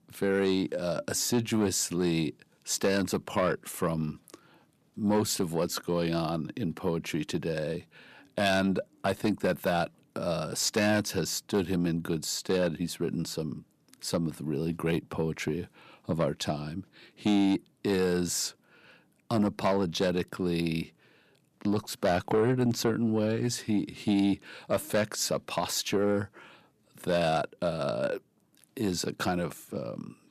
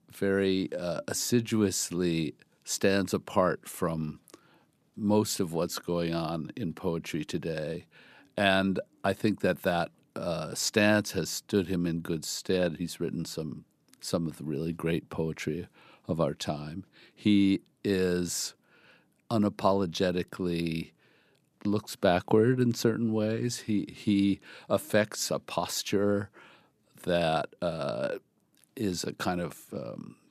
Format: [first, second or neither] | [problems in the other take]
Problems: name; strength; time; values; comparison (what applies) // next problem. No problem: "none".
second | distortion; slight; 10 dB below the speech